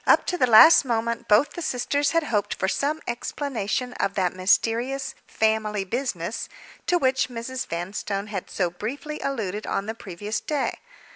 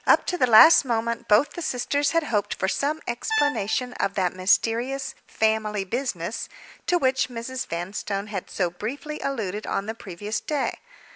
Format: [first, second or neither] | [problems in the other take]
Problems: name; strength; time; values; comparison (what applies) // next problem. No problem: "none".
first | background sound (Brass instrument); 7 dB below the speech